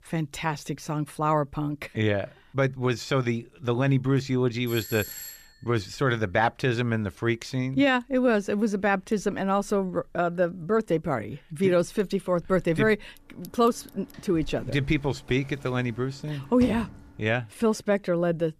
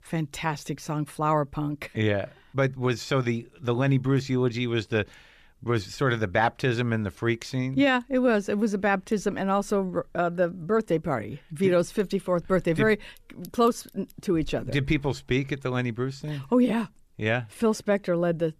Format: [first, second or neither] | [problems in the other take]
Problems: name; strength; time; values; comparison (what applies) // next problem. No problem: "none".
second | doorbell; noticeable; at 4.5 s; peak 9 dB below the speech // door banging; faint; from 14 to 17 s; peak 10 dB below the speech